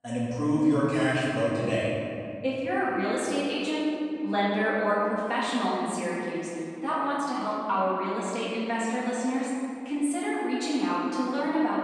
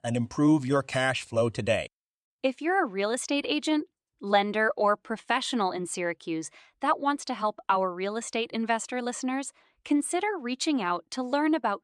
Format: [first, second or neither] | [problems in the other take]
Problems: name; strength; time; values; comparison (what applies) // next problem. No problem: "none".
second | room echo; strong; dies away in 2.4 s // off-mic speech; far